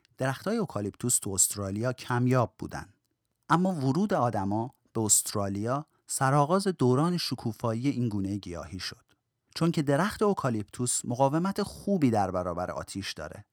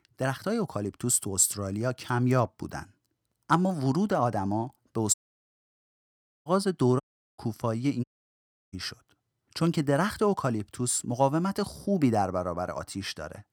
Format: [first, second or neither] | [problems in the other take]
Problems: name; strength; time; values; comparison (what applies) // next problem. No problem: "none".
first | audio cutting out; at 5 s for 1.5 s, at 7 s and at 8 s for 0.5 s